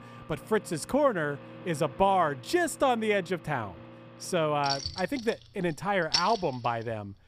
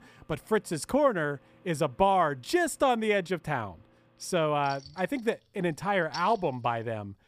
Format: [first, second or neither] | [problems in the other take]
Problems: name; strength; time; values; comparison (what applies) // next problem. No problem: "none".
second | household noises; loud; throughout; 9 dB below the speech; faint in the second